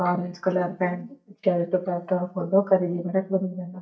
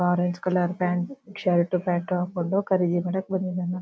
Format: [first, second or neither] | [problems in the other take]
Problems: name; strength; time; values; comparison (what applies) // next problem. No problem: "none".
second | noise reduction (neural mask model DeepFilterNet 3)